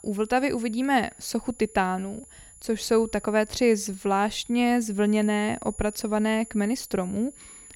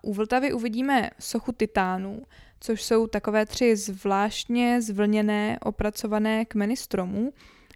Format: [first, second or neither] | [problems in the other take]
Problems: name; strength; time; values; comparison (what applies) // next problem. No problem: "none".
second | high-pitched whine; noticeable; throughout; 10.5 kHz, 20 dB below the speech